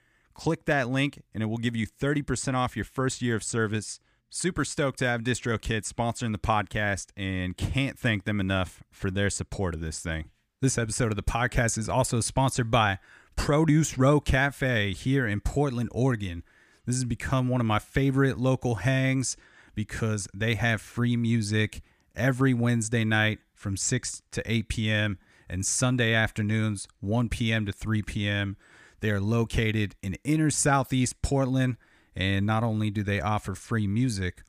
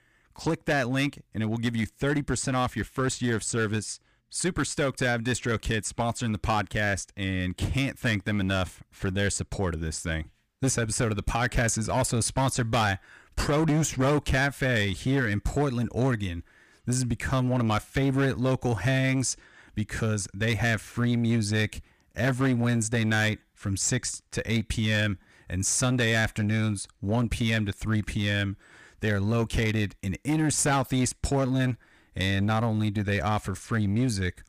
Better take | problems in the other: first | distortion; slight; 9% of the sound clipped

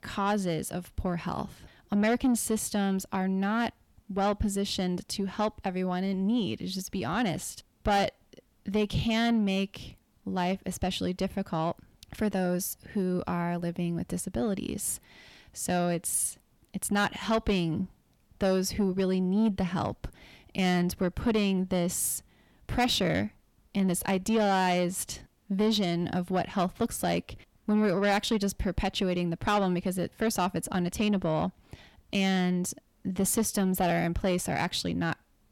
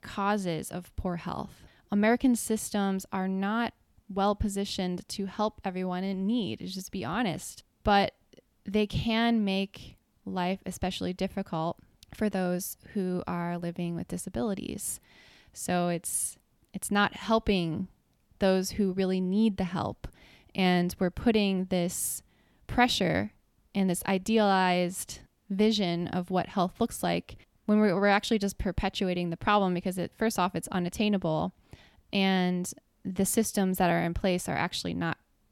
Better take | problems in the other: second | distortion; slight; 10 dB below the speech

